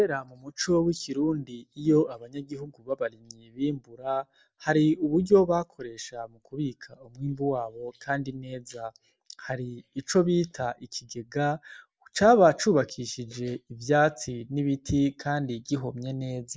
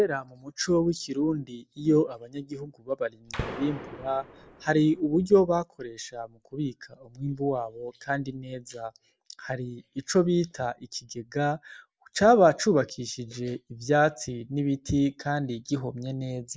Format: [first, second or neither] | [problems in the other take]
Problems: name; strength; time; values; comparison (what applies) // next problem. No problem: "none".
first | background sound (Gunshot, gunfire); 11 dB below the speech